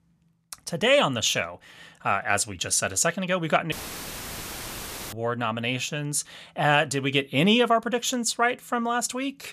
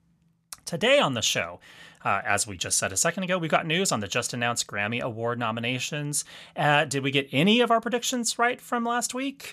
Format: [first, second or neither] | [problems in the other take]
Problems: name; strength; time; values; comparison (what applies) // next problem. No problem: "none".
second | audio cutting out; filled with static; at 3.5 s for 1.5 s